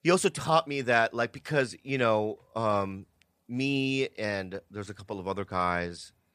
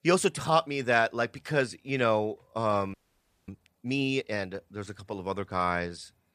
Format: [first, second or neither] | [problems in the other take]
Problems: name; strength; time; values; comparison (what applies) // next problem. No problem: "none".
first | audio freezing; at 3 s for 0.5 s